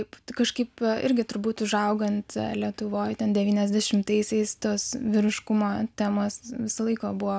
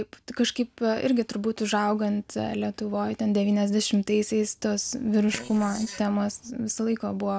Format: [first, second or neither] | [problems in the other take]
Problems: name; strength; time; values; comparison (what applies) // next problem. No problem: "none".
first | noise reduction (neural separator model SepFormer DNS4)